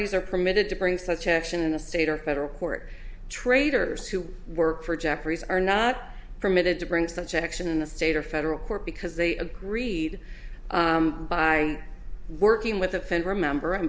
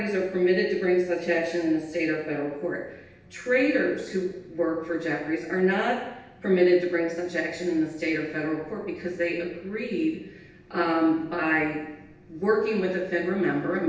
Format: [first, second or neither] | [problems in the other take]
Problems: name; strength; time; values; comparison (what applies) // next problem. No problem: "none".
first | room echo; dies away in 0.9 s